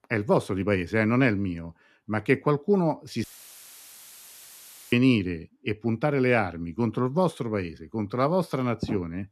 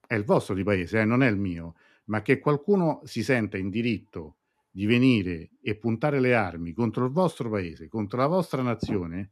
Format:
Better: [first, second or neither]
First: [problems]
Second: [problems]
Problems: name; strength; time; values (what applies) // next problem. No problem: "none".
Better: second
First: audio cutting out; filled with static; at 3 s for 1.5 s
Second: none